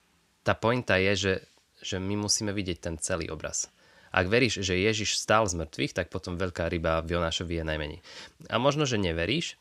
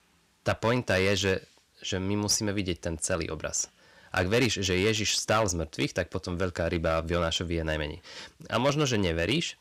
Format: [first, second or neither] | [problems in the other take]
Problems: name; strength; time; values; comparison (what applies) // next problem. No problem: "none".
first | distortion; slight; 3% of the sound clipped